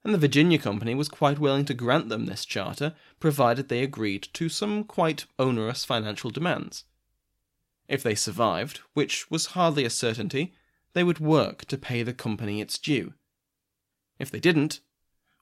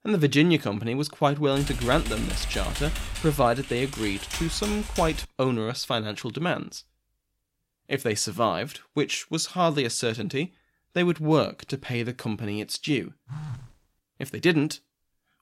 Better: first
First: none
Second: keyboard typing; noticeable; from 1.5 to 5.5 s; peak 5 dB below the speech // phone ringing; faint; at 13 s; peak 10 dB below the speech

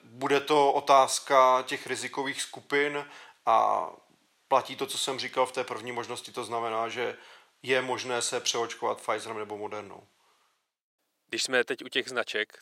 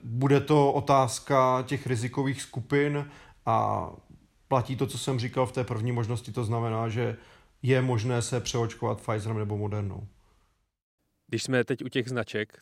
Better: second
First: thin; very; fading below 550 Hz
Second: none

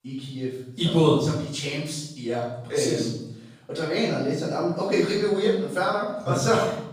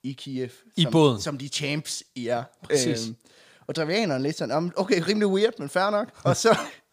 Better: second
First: off-mic speech; far // room echo; noticeable; dies away in 0.7 s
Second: none

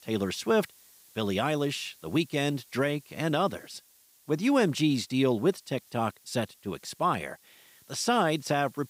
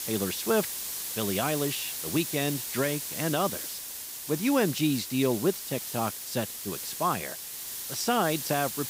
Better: first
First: hiss; faint; throughout; 25 dB below the speech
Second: hiss; loud; throughout; 4 dB below the speech

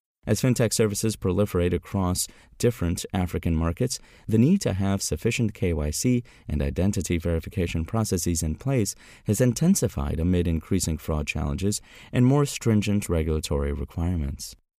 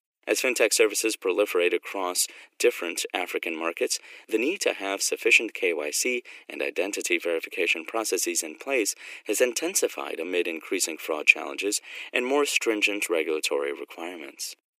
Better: first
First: none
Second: thin; very; fading below 300 Hz

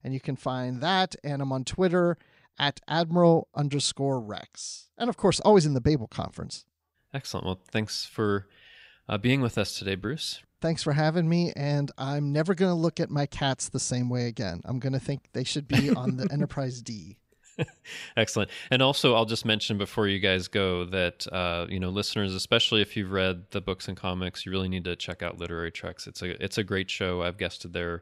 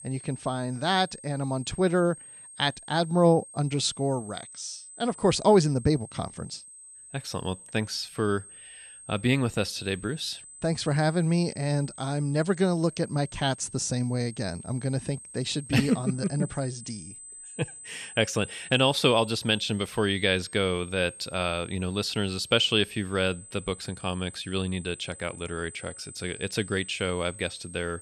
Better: first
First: none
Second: high-pitched whine; noticeable; throughout; 8 kHz, 15 dB below the speech

